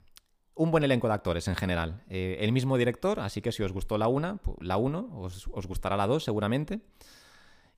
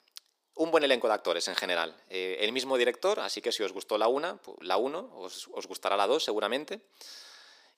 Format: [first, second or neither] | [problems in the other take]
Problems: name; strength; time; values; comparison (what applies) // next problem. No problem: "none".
first | thin; very; fading below 350 Hz